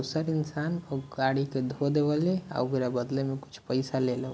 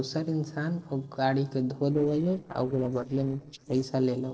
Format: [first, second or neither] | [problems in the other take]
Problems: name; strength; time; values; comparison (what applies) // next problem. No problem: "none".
first | noise reduction (neural separator model SepFormer DNS4)